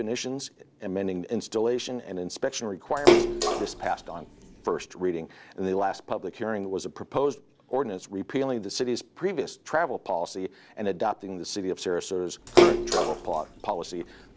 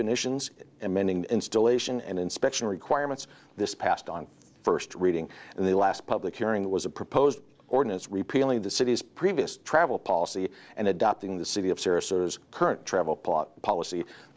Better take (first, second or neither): second